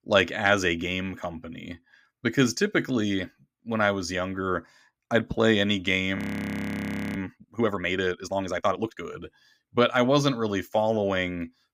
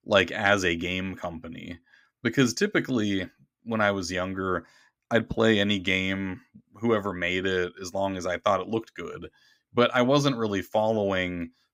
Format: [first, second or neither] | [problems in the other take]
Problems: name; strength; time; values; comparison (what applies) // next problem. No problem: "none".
second | audio freezing; at 6 s for 1 s